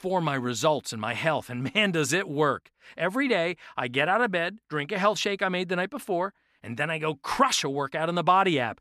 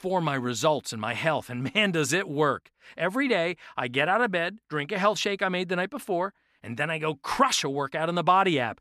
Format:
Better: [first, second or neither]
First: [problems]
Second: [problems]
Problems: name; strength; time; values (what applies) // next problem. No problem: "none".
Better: neither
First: none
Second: none